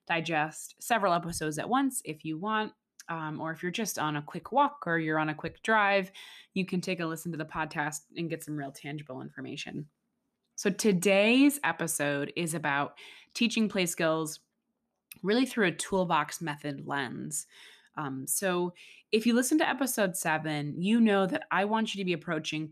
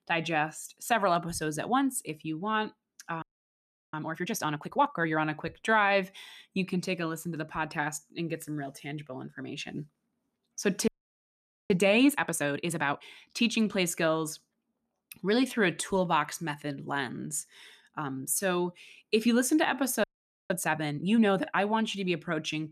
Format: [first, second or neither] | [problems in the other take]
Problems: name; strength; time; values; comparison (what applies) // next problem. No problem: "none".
first | audio freezing; at 3 s for 0.5 s, at 11 s for 1 s and at 20 s